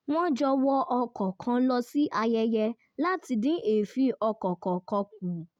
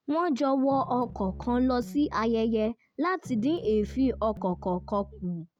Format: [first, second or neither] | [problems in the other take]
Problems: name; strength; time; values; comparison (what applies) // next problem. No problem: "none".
first | background sound (Piano); 15 dB below the speech